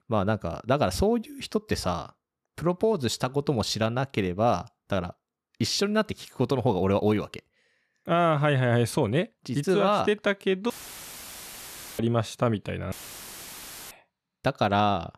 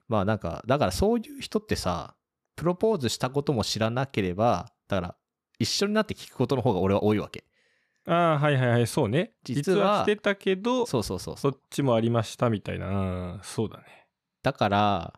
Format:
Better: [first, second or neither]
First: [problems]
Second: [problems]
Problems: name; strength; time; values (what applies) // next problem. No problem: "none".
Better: second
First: audio cutting out; filled with static; at 11 s for 1.5 s and at 13 s for 1 s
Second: none